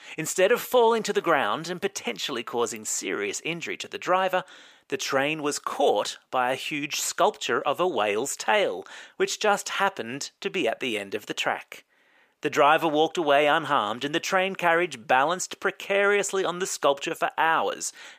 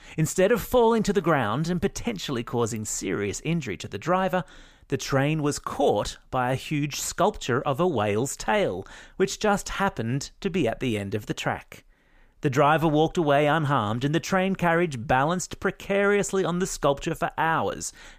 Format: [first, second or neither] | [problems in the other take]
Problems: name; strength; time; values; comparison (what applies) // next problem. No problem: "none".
second | thin; somewhat; fading below 400 Hz